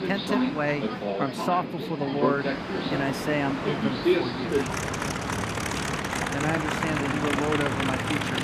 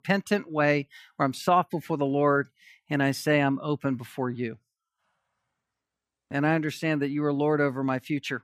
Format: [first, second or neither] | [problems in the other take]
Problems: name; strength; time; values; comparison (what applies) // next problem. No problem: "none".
second | train or aircraft noise; very loud; throughout; 2 dB above the speech